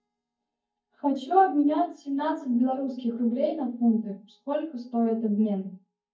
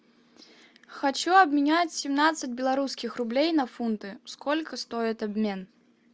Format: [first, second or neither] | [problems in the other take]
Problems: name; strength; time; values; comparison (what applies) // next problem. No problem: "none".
second | noise reduction (neural mask model DeepFilterNet 3)